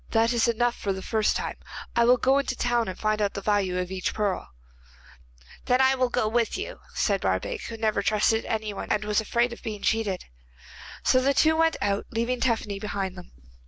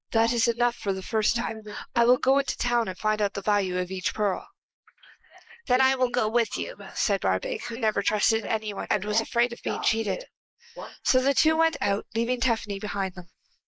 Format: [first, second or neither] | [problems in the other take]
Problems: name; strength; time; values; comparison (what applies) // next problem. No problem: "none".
first | noise reduction (neural mask model Resemble Enhance denoiser)